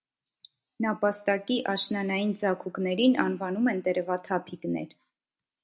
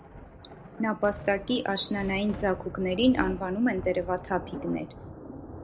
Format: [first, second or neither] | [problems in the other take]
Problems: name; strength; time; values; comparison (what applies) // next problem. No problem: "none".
first | background sound (Thunder); 12 dB below the speech